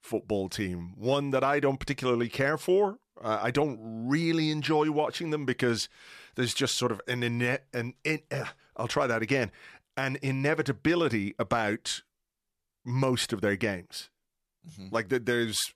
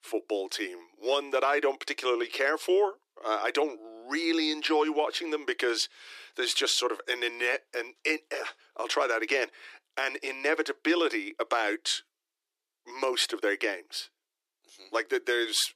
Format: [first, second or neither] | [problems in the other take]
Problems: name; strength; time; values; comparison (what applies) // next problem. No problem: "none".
first | thin; very; fading below 300 Hz